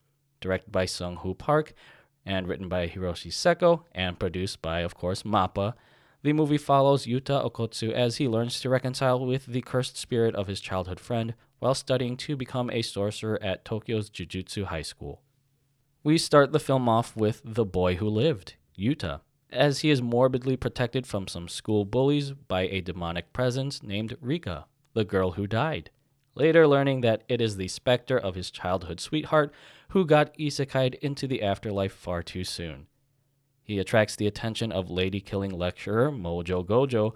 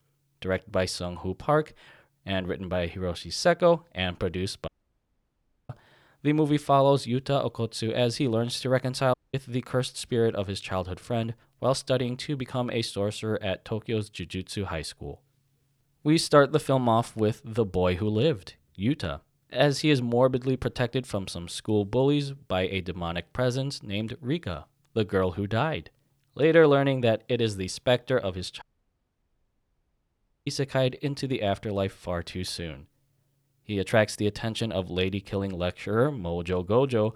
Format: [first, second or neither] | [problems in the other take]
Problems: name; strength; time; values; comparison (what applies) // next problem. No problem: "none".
first | audio cutting out; at 4.5 s for 1 s, at 9 s and at 29 s for 2 s